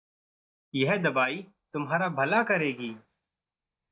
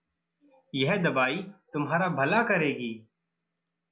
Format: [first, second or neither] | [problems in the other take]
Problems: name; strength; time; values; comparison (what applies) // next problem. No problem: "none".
second | noise reduction (neural mask model DeepFilterNet 3)